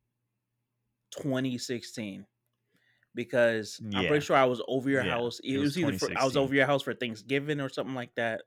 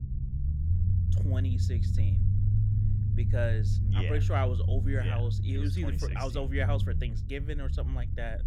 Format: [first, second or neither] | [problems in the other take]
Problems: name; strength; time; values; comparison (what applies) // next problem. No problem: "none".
first | low rumble; loud; throughout; 6 dB below the speech